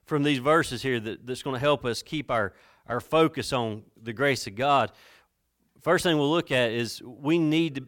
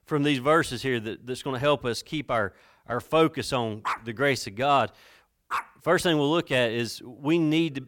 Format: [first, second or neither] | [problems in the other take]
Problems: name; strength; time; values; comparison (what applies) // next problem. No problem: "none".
first | dog barking; noticeable; from 4 to 5.5 s; peak 6 dB below the speech